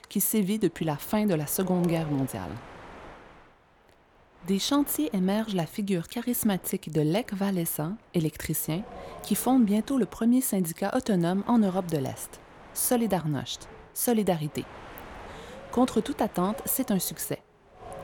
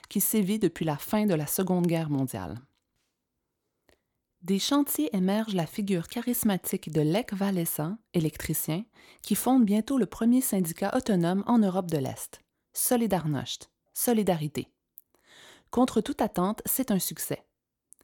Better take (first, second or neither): second